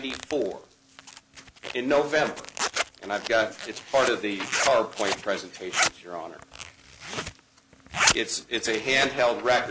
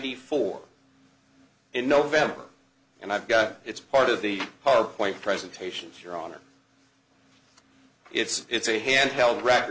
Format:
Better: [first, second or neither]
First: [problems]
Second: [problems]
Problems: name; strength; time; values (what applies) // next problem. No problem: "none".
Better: second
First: background sound (Zipper (clothing)); 5 dB below the speech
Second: none